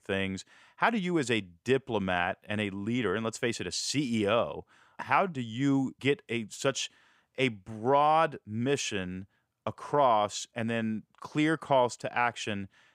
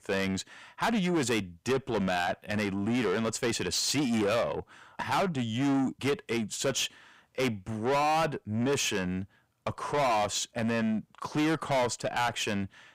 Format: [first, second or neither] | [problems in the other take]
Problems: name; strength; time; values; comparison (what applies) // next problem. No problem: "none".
first | distortion; heavy; 6 dB below the speech